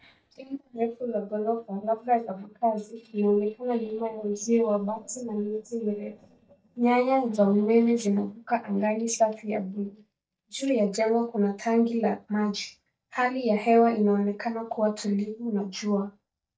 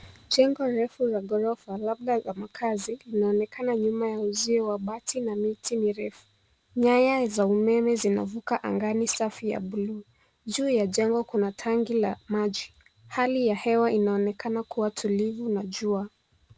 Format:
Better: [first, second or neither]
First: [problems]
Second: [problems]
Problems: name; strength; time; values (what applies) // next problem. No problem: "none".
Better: second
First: noise reduction (neural mask model DeepFilterNet 3)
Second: none